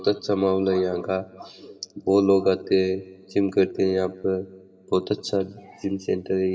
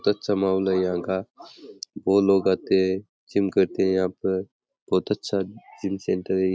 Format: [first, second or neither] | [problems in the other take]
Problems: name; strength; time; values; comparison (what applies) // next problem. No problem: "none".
second | room echo; dies away in 1.6 s